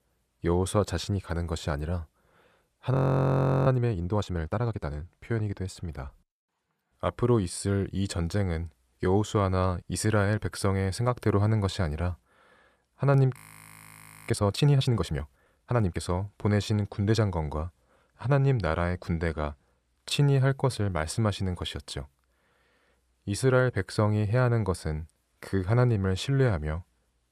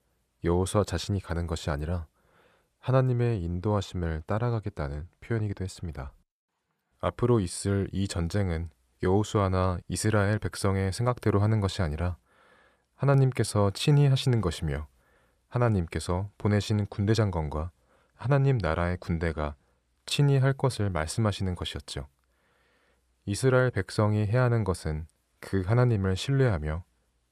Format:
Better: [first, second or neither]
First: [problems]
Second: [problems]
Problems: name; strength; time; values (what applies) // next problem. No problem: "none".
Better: second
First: audio freezing; at 3 s for 0.5 s and at 13 s for 1 s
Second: none